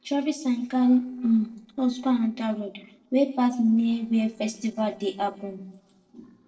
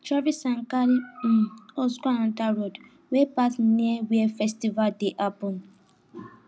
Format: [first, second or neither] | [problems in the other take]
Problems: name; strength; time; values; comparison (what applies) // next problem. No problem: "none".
second | noise reduction (neural separator model SepFormer DNS4)